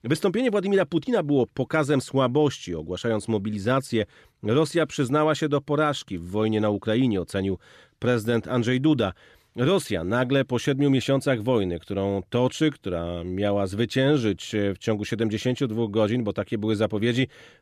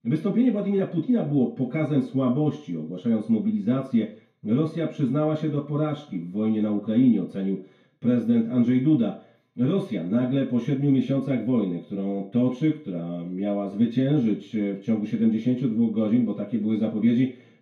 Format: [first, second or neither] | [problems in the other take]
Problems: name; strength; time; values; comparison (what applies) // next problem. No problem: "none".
first | room echo; slight; dies away in 0.4 s // off-mic speech; far